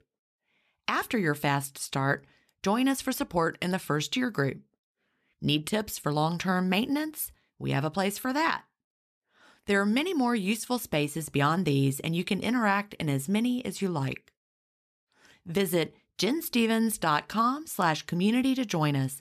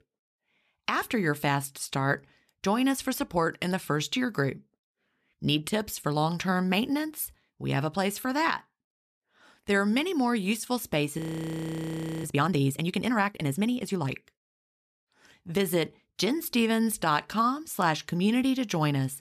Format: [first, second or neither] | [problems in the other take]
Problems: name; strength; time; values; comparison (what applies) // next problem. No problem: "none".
first | audio freezing; at 11 s for 1 s